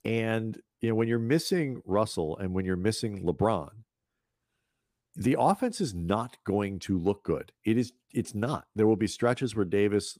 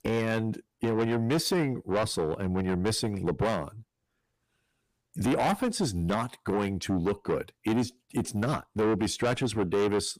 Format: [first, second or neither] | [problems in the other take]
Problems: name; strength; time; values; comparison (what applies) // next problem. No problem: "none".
first | distortion; heavy; 6 dB below the speech